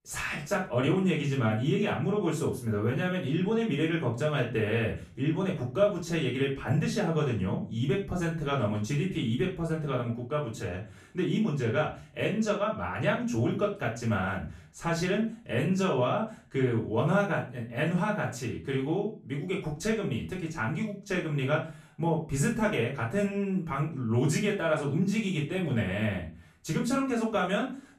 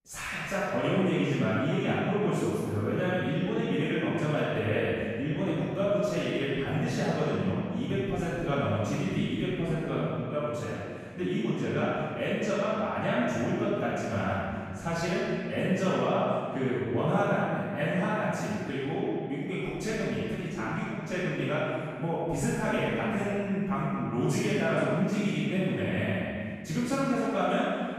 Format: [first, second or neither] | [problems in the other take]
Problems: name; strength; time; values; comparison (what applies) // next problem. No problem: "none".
first | room echo; strong; dies away in 1.7 s; slight in the first // off-mic speech; far; far in the first